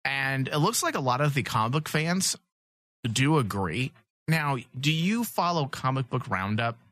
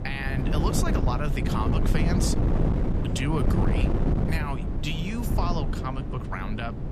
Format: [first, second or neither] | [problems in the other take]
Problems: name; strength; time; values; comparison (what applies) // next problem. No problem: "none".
first | wind noise on the microphone; heavy; 2 dB below the speech